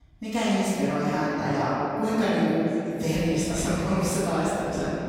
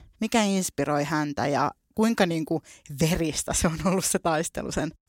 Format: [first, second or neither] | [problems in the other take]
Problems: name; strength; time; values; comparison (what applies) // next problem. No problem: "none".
second | off-mic speech; far // room echo; strong; dies away in 2.8 s